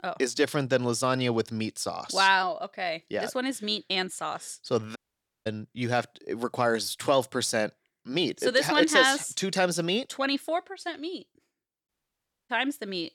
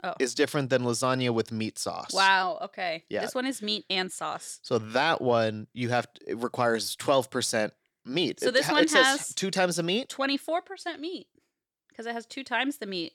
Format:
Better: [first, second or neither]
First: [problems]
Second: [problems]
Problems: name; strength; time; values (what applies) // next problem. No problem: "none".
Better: second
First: audio cutting out; at 5 s and at 12 s for 0.5 s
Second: none